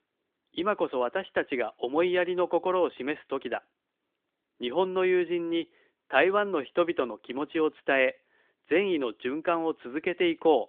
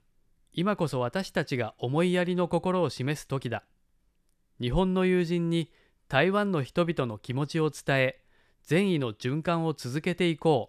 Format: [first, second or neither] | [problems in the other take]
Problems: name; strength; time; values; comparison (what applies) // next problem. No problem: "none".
second | phone-call audio; nothing above 3.5 kHz